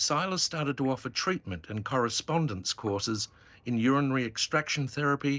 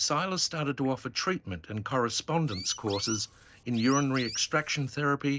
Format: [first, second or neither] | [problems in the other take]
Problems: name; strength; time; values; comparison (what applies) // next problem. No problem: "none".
first | background sound (Chirp, tweet); 11 dB below the speech